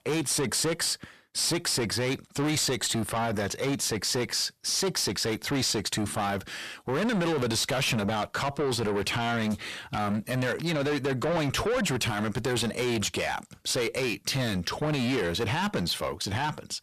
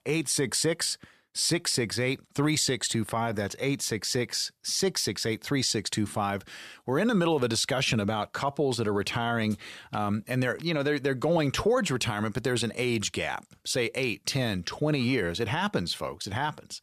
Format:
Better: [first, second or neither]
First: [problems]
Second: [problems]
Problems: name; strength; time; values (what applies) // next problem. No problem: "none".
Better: second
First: distortion; heavy; 7 dB below the speech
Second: none